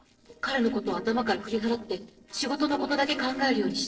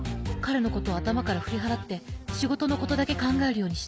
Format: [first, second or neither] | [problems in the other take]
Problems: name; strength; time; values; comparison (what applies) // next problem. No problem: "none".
second | noise reduction (neural separator model SepFormer DNS4)